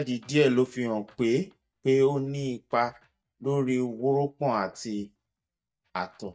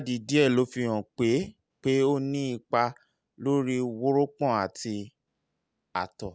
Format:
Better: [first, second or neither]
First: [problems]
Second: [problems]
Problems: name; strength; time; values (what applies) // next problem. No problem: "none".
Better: second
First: noise reduction (neural mask model DeepFilterNet 3)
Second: none